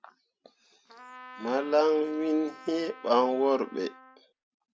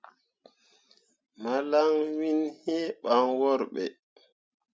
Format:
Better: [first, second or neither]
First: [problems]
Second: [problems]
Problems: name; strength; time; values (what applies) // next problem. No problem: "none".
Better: second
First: background sound (Trumpet); 19 dB below the speech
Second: none